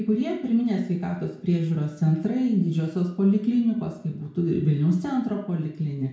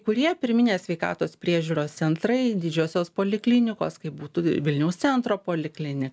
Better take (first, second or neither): second